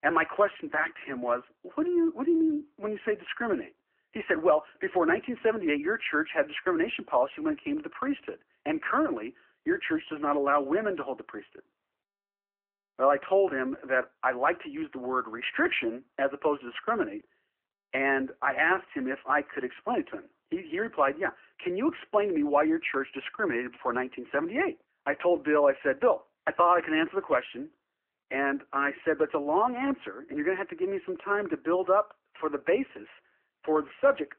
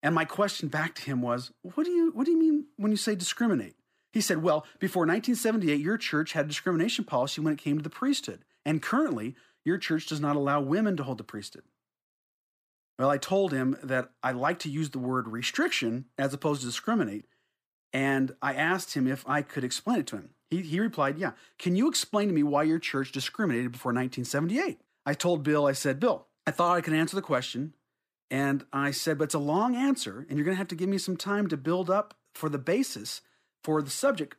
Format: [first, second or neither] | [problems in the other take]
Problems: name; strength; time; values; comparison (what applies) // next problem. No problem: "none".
second | phone-call audio; nothing above 3 kHz